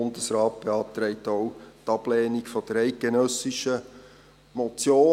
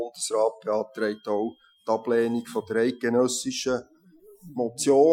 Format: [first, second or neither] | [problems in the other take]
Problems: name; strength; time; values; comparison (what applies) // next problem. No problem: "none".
first | noise reduction (classical method Wiener filter)